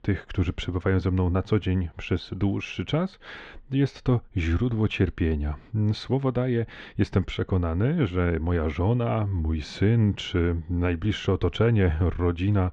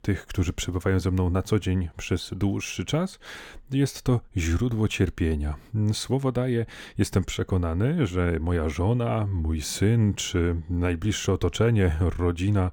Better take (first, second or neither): second